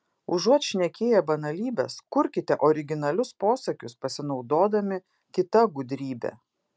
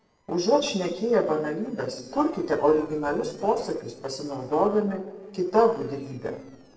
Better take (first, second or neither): first